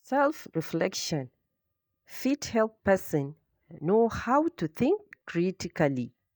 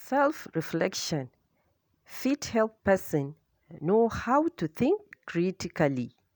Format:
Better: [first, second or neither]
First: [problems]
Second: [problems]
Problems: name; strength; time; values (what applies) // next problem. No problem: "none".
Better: second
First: noise reduction (neural mask model DeepFilterNet 3)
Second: none